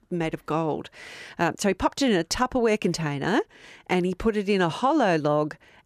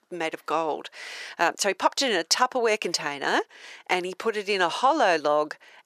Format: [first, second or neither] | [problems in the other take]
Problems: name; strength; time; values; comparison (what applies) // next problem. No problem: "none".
first | thin; somewhat; fading below 550 Hz